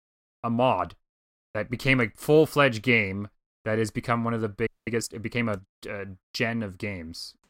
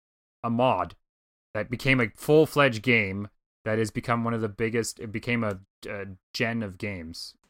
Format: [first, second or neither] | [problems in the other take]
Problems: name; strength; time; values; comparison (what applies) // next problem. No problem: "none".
second | audio freezing; at 4.5 s